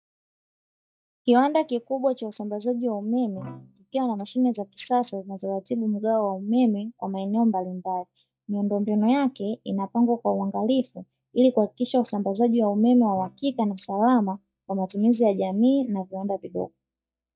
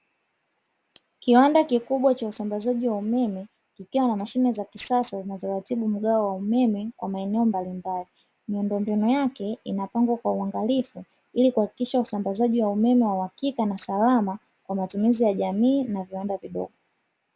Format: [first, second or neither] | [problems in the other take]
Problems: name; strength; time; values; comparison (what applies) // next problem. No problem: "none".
second | noise reduction (neural mask model DeepFilterNet 3)